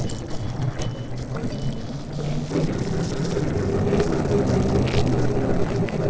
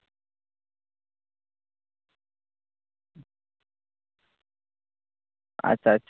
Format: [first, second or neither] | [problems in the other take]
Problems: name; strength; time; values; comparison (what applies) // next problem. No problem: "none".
second | noise reduction (neural separator model SepFormer DNS4)